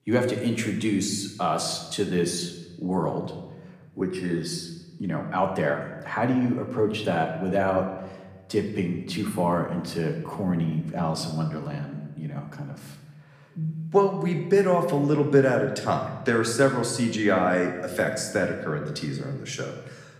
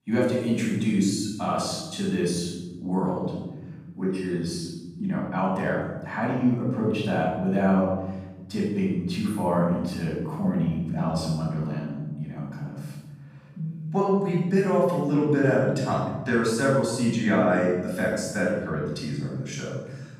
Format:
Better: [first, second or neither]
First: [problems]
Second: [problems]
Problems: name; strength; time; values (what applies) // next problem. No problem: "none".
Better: first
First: room echo; slight; dies away in 1 s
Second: room echo; strong; dies away in 1.9 s // off-mic speech; far